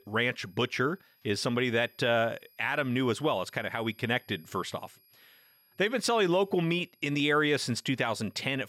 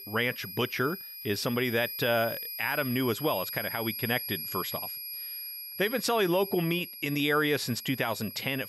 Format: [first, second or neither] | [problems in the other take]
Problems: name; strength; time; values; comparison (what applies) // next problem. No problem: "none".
first | high-pitched whine; loud; throughout; 11.5 kHz, 7 dB below the speech; faint in the first